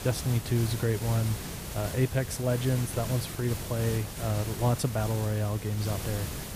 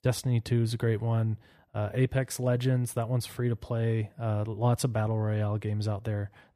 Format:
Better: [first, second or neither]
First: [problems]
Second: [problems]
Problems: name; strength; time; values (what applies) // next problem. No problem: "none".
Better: second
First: hiss; loud; throughout; 7 dB below the speech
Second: none